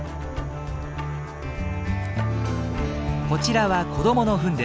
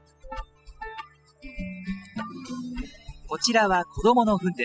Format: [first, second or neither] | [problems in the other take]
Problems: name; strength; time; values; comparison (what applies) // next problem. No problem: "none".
first | noise reduction (classical method spectral subtraction)